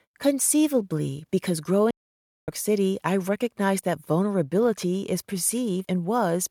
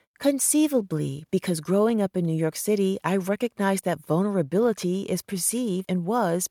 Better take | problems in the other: second | audio cutting out; at 2 s for 0.5 s

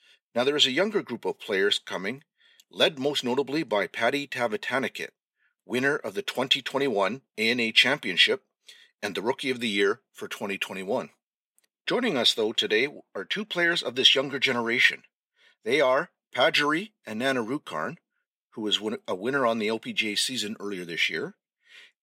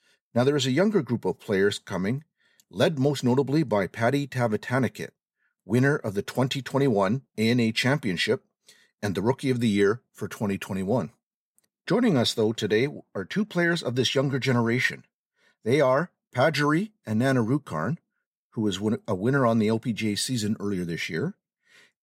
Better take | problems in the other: second | thin; somewhat; fading below 300 Hz

